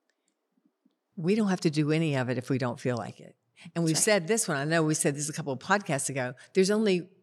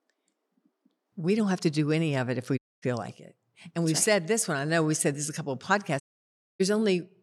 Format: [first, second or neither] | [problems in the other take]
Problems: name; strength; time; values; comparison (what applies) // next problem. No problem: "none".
first | audio cutting out; at 2.5 s and at 6 s for 0.5 s